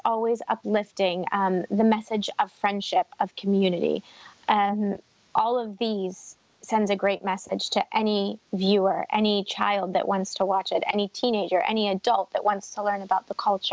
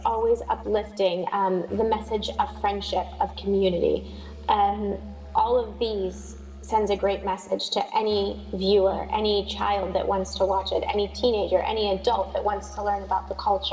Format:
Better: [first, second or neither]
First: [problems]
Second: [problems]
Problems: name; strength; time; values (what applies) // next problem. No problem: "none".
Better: first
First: none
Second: background sound (Musical instrument); 15 dB below the speech // room echo; dies away in 1.5 s